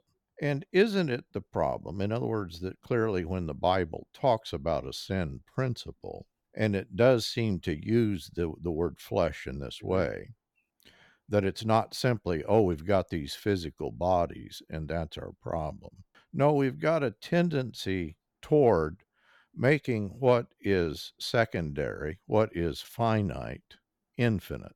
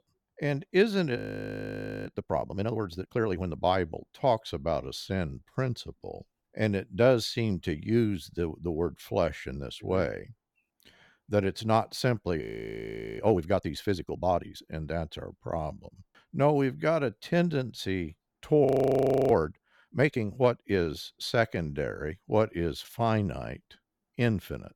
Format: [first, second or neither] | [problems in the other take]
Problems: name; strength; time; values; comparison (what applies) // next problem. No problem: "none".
first | audio freezing; at 1 s for 1 s, at 12 s for 1 s and at 19 s for 0.5 s